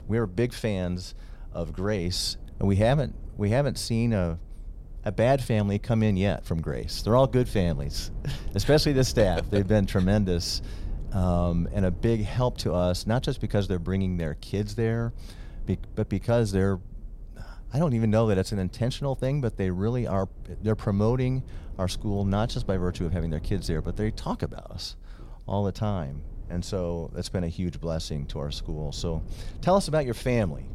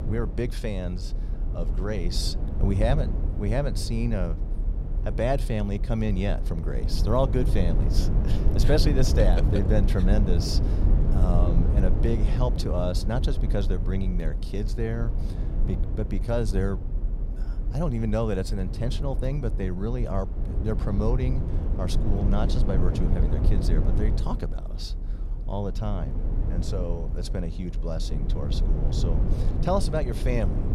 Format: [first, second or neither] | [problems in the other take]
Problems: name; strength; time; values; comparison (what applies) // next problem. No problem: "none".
first | low rumble; loud; throughout; 8 dB below the speech; faint in the first